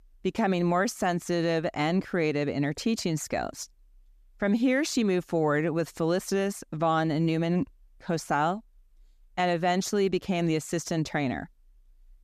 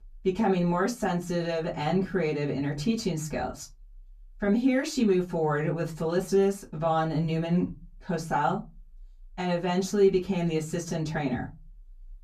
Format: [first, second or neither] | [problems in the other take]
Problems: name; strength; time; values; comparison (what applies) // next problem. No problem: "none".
first | off-mic speech; far // room echo; very slight; dies away in 0.3 s